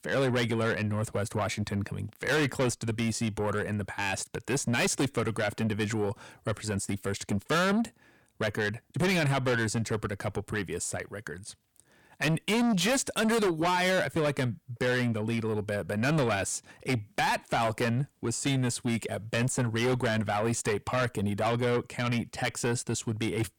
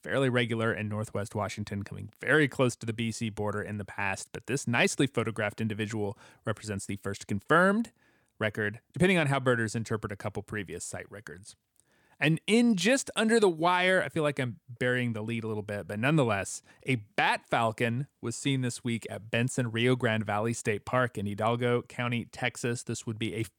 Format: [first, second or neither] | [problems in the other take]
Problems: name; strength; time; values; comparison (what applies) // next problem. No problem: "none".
second | distortion; heavy; 6 dB below the speech